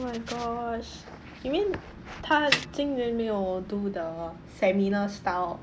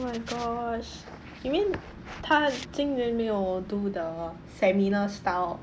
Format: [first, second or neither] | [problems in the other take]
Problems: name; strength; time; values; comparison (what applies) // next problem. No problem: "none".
second | background sound (Snare drum); 3 dB below the speech